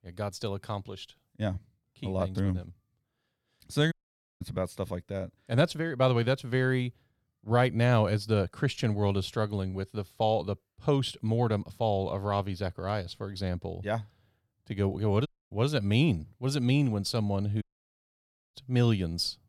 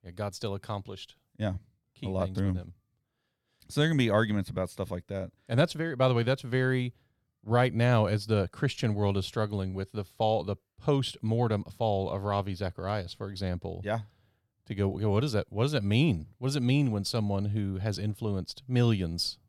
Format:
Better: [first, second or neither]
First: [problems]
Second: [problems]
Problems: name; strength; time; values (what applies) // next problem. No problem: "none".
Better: second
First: audio cutting out; at 4 s, at 15 s and at 18 s for 1 s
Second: none